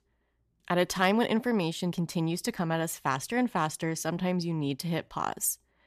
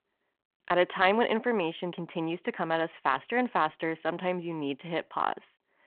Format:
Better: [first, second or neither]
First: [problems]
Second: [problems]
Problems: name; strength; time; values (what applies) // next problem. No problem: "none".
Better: first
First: none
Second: phone-call audio